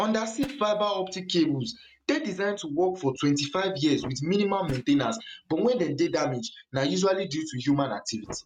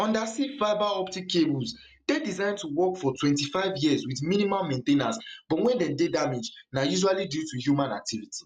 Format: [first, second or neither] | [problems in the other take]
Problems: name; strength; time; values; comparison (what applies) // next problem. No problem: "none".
second | noise reduction (neural mask model RNNoise)